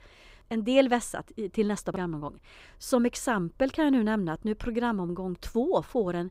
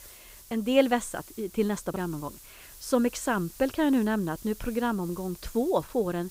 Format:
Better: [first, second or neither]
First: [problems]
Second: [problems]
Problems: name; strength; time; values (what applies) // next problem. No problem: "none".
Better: first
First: none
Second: hiss; noticeable; throughout; 20 dB below the speech